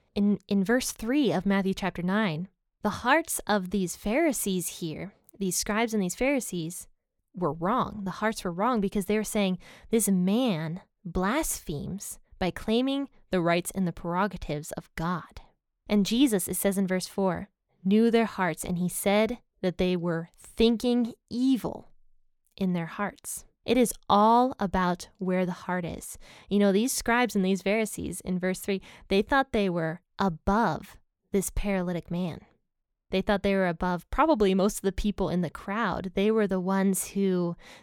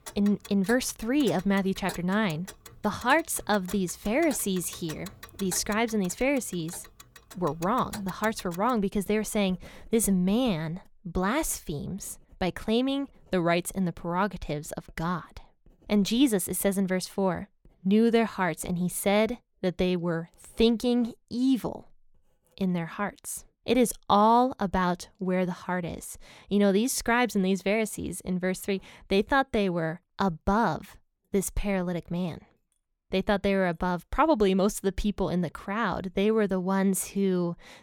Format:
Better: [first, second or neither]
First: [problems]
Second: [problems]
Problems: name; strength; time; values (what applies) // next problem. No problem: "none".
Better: first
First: none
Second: household noises; noticeable; throughout; 20 dB below the speech